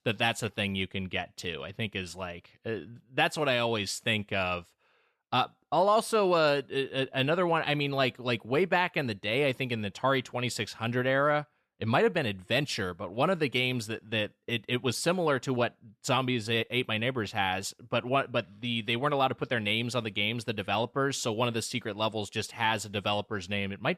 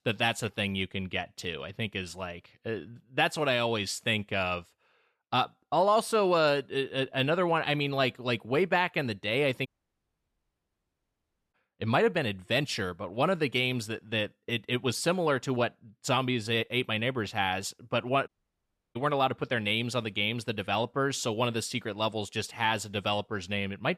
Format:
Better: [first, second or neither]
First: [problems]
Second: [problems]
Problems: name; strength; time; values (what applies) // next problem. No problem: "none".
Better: first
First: none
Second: audio cutting out; at 9.5 s for 2 s and at 18 s for 0.5 s